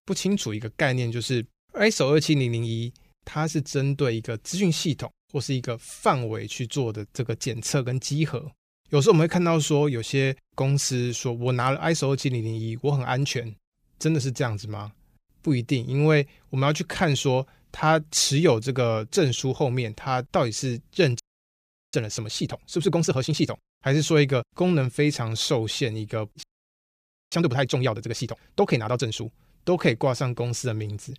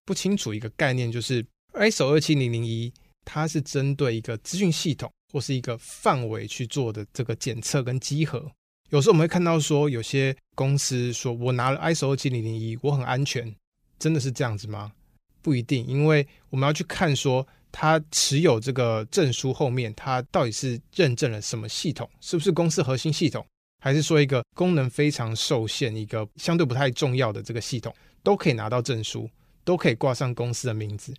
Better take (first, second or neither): second